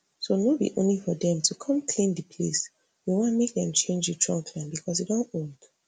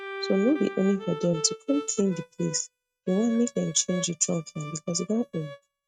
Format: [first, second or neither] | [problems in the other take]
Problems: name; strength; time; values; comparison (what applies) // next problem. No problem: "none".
first | noise reduction (neural mask model RNNoise)